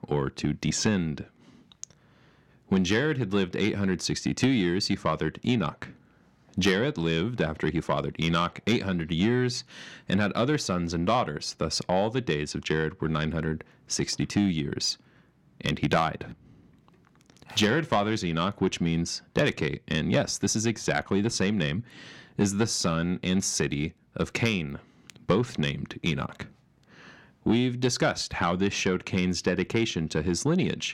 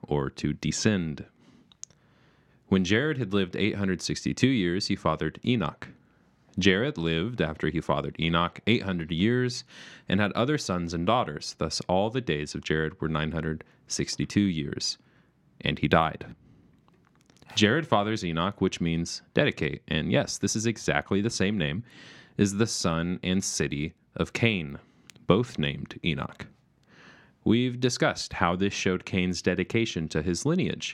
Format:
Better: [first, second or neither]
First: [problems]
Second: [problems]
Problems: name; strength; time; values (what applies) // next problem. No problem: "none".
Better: second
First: distortion; slight; 10 dB below the speech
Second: none